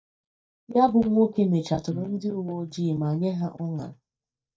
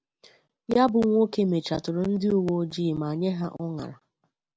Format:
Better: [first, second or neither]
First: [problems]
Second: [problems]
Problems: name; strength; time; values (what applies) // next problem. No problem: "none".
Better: second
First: noise reduction (neural mask model DeepFilterNet 3)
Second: none